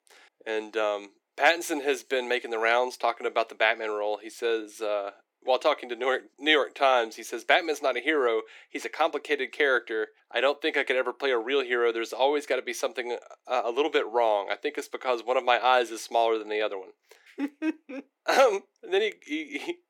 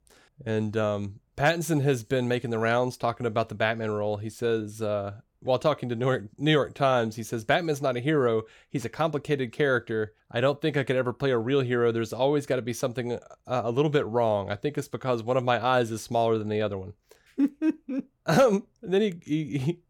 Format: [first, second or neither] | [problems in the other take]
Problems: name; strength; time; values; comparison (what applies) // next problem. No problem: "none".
second | thin; somewhat; fading below 300 Hz